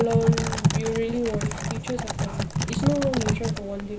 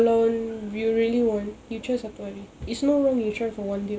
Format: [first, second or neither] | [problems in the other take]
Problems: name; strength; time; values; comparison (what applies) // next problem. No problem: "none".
second | background sound (Typing); 2 dB above the speech